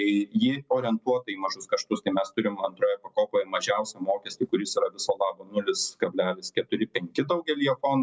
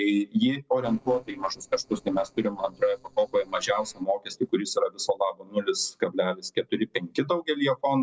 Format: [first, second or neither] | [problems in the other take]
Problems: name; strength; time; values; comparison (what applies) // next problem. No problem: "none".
first | noise reduction (neural separator model SepFormer DNS4)